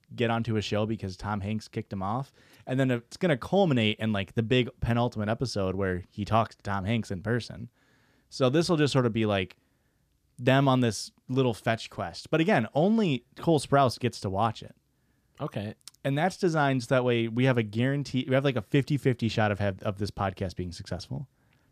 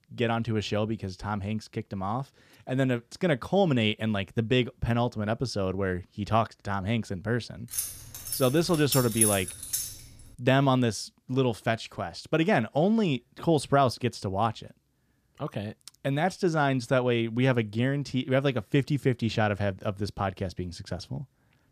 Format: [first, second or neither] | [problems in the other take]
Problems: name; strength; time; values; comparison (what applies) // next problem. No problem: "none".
first | jangling keys; loud; from 7.5 to 10 s; peak 4 dB above the speech